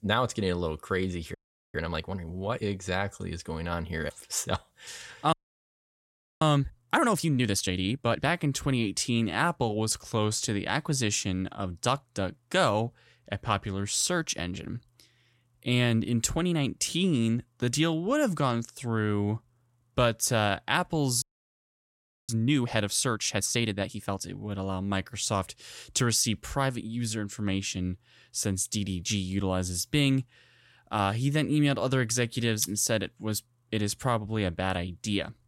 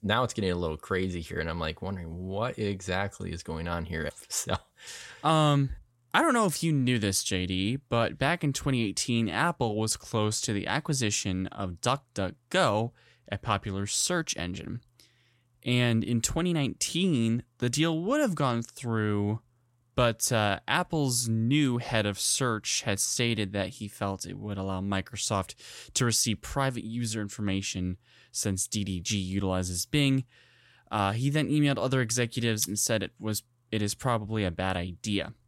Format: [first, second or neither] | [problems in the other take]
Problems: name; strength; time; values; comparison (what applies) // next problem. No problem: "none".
second | audio freezing; at 1.5 s, at 5.5 s for 1 s and at 21 s for 1 s